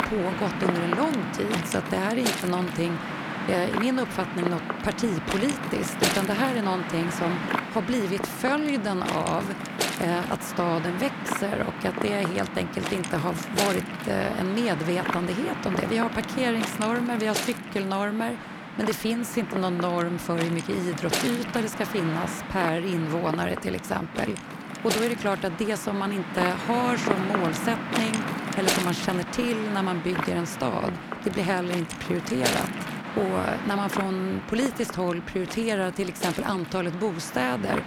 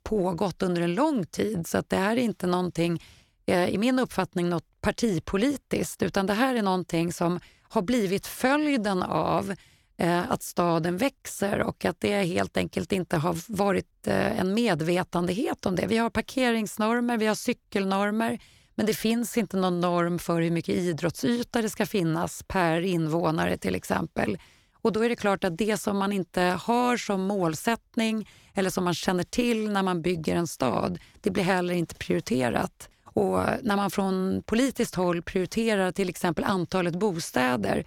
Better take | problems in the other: second | wind noise on the microphone; heavy; 2 dB below the speech

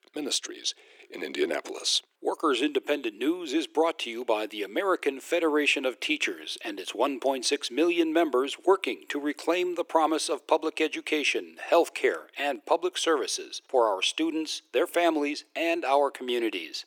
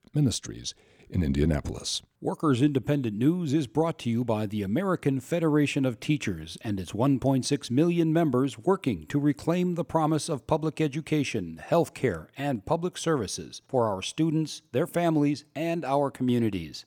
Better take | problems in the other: second | thin; somewhat; fading below 350 Hz

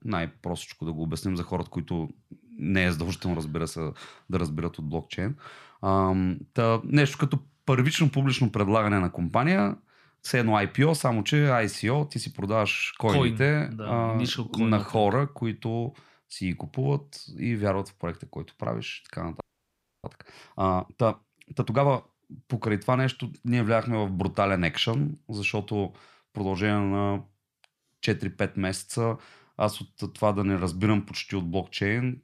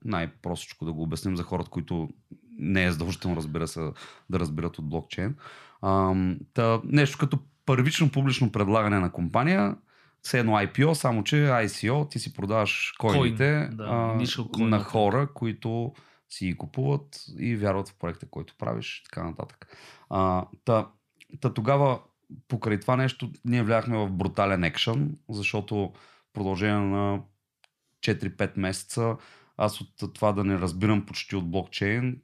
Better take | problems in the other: second | audio freezing; at 19 s for 0.5 s

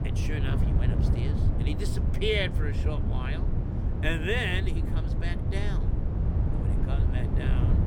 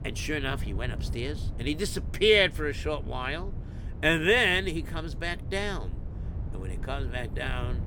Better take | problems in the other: second | low rumble; loud; throughout; 6 dB below the speech; faint in the second

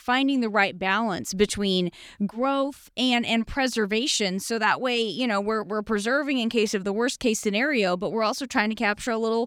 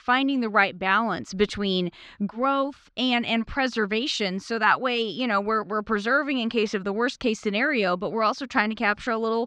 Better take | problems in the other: first | muffled; very slightly; fading above 5 kHz

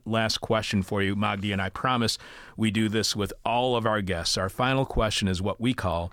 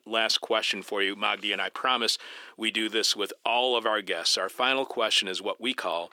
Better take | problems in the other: first | thin; somewhat; fading below 350 Hz

